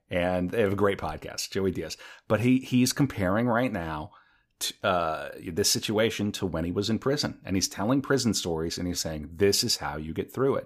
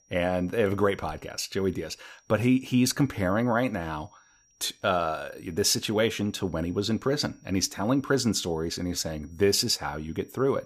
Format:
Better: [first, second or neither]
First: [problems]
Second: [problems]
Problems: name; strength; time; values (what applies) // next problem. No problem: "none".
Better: first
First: none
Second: high-pitched whine; faint; throughout; 5.5 kHz, 35 dB below the speech